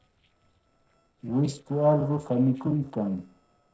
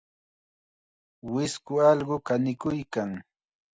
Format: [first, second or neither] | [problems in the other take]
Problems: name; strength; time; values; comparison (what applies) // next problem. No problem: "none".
second | noise reduction (neural separator model SepFormer DNS4)